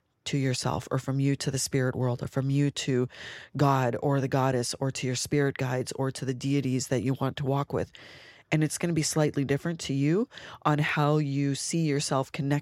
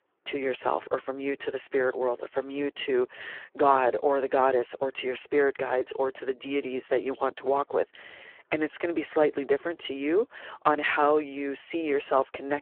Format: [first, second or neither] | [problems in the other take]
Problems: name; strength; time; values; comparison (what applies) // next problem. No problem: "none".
first | phone-call audio; poor line